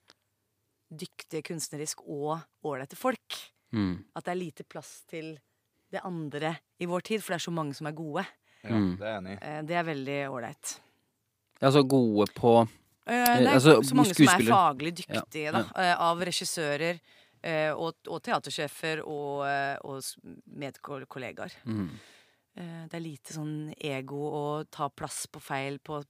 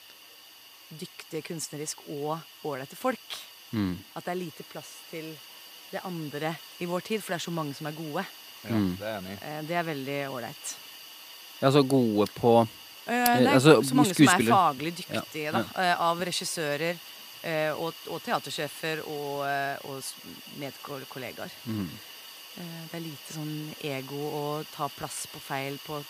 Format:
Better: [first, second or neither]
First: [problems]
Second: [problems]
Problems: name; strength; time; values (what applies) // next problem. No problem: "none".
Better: first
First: none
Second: hiss; noticeable; throughout; 15 dB below the speech